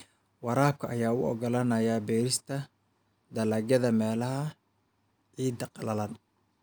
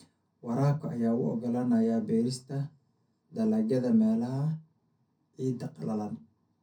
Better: first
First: none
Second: room echo; dies away in 0.3 s

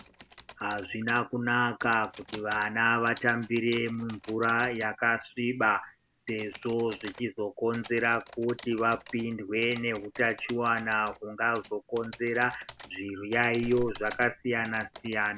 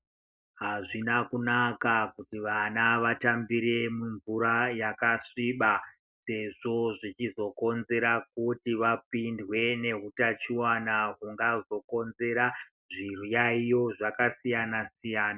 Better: second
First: background sound (Clapping + Typing); 19 dB below the speech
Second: none

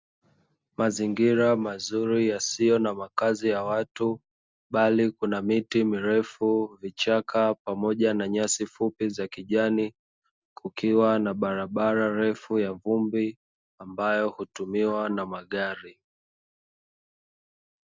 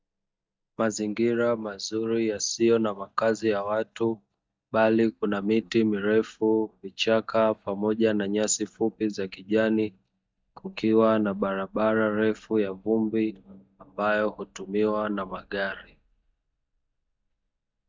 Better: first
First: none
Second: noise reduction (neural mask model DeepFilterNet 3)

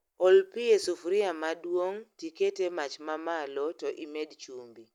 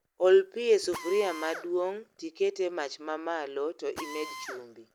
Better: first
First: none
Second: background sound (Drill); 16 dB below the speech

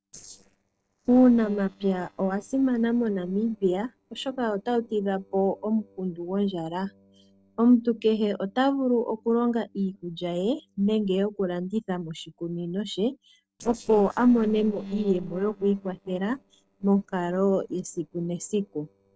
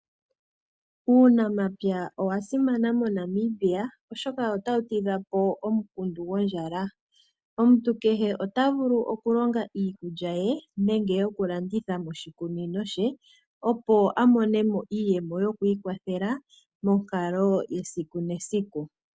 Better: second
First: noise reduction (neural separator model SepFormer DNS4)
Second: none

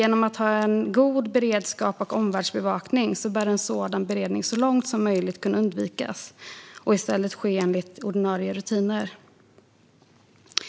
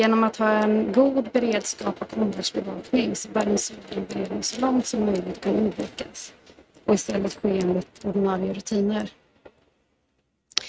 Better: first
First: none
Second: noise reduction (neural mask model RNNoise)

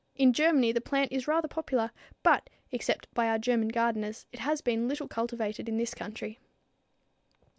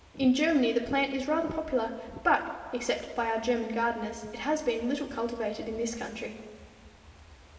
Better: first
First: none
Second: background sound (Fireworks / Ocean); 20 dB below the speech // room echo; dies away in 1.9 s

